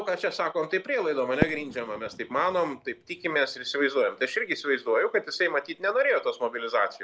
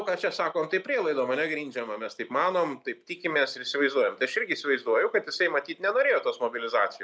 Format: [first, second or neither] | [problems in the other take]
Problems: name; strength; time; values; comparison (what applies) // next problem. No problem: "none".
second | background sound (Fireworks); 13 dB below the speech